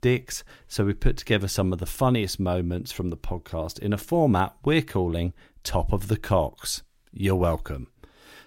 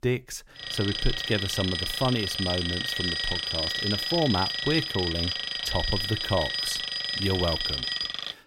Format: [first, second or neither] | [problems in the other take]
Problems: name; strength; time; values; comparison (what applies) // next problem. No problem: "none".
first | alarm; loud; from 0.5 s on; peak 4 dB above the speech